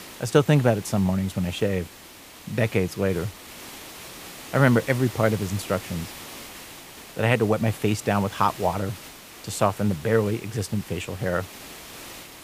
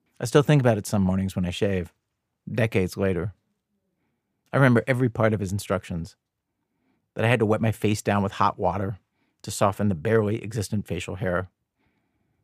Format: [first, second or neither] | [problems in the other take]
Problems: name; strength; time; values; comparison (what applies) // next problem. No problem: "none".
second | hiss; noticeable; throughout; 15 dB below the speech